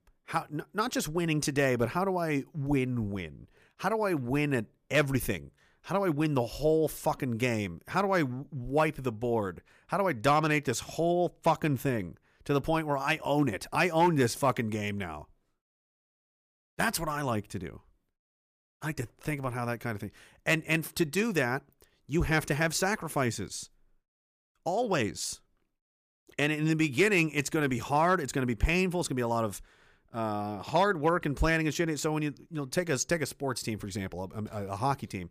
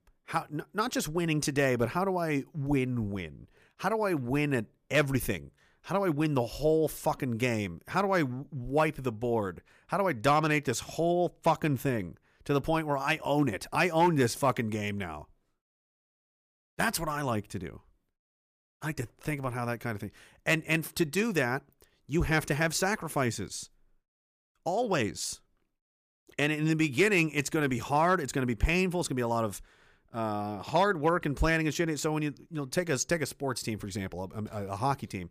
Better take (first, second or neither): neither